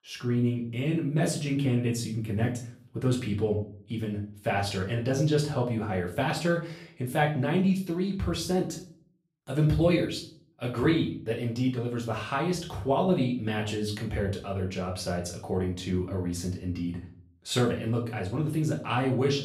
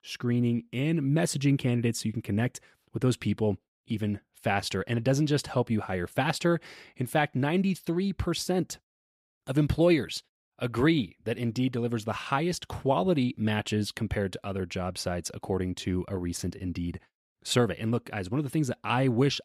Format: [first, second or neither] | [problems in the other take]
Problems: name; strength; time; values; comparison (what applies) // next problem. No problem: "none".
second | off-mic speech; far // room echo; slight; dies away in 0.4 s